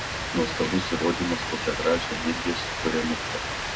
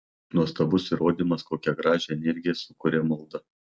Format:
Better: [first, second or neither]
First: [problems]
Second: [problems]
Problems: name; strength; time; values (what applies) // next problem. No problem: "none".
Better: second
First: background sound (Rain); 2 dB below the speech // room echo; dies away in 0.2 s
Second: none